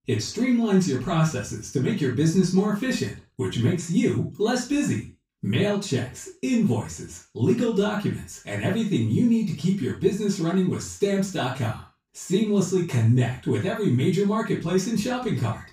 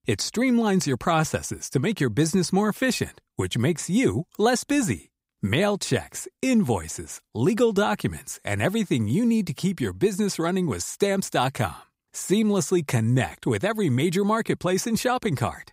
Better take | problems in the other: second | room echo; noticeable; dies away in 0.3 s // off-mic speech; far

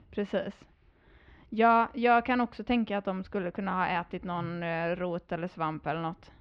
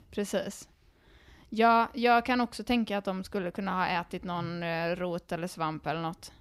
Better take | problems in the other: second | muffled; slightly; fading above 3 kHz

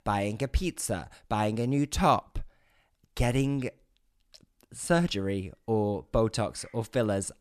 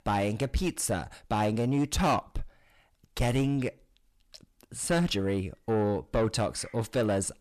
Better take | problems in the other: first | distortion; slight; 10 dB below the speech

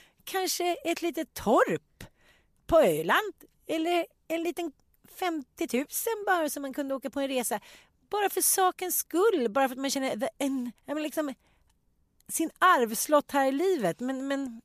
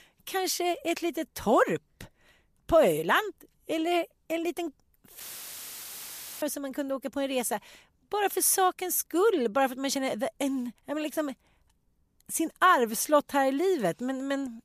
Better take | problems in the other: first | audio cutting out; filled with static; at 5 s for 1 s

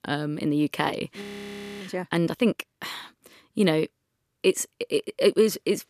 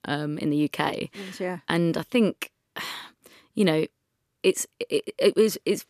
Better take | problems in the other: second | audio freezing; at 1 s for 0.5 s

